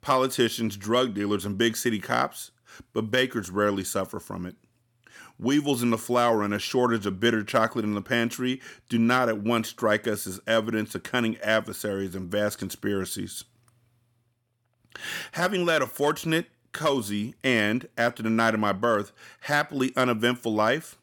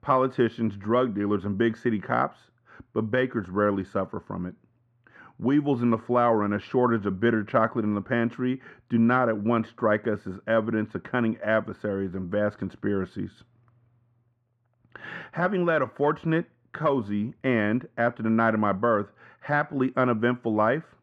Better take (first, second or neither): first